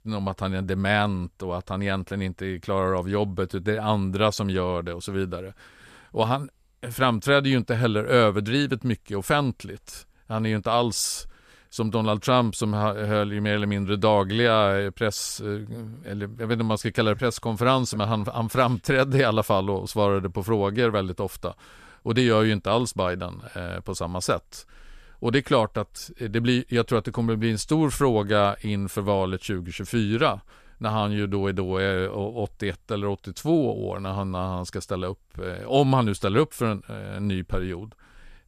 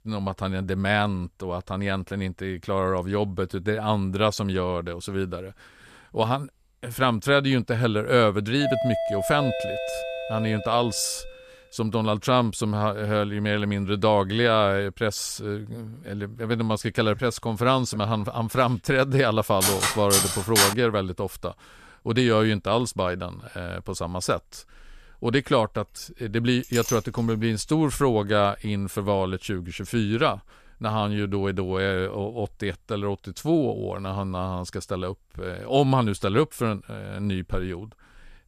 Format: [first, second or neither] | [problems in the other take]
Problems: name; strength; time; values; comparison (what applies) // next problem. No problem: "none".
first | doorbell; noticeable; from 8.5 to 11 s; peak 1 dB below the speech // clattering dishes; loud; from 20 to 21 s; peak 5 dB above the speech // clattering dishes; noticeable; at 27 s; peak 7 dB below the speech